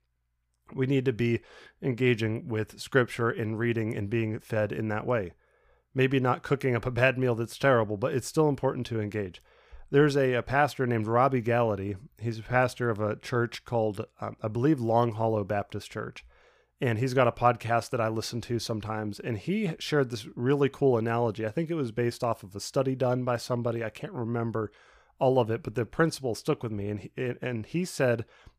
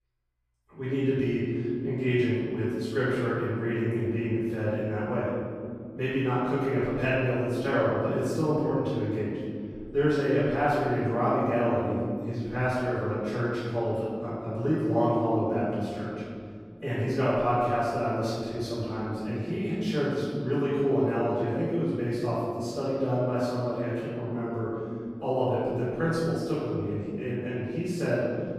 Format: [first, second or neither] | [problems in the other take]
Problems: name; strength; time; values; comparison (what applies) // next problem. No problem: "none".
first | off-mic speech; far // room echo; strong; dies away in 2.9 s